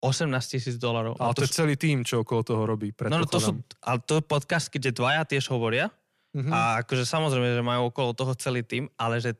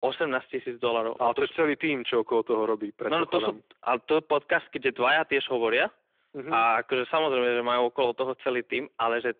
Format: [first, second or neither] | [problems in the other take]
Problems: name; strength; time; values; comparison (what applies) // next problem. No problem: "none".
first | phone-call audio; nothing above 3.5 kHz